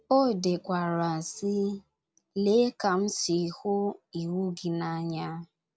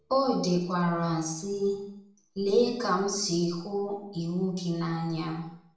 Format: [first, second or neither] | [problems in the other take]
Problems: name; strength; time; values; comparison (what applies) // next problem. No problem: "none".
first | room echo; dies away in 0.7 s